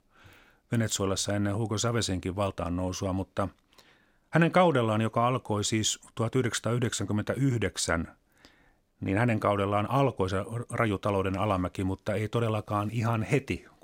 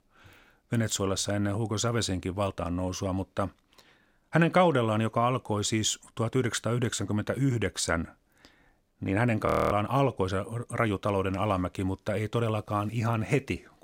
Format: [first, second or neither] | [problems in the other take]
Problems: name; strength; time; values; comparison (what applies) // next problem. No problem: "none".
first | audio freezing; at 9.5 s